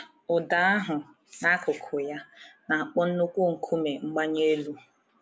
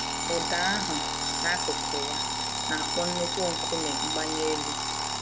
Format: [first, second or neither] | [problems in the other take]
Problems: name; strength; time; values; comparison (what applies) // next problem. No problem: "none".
first | background sound (Alarm); 4 dB above the speech